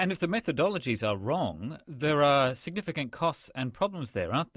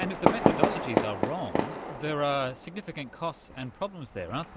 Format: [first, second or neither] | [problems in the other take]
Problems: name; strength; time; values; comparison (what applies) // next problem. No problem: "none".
first | background sound (Fireworks); 3 dB above the speech